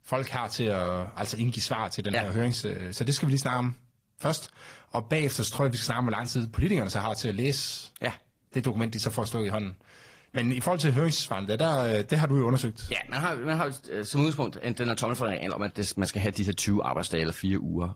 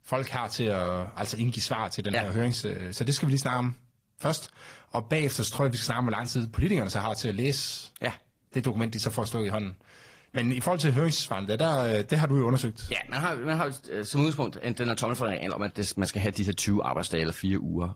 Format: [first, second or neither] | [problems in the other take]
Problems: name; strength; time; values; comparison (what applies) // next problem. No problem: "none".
neither | garbled, watery; slightly; nothing above 16 kHz; the same in both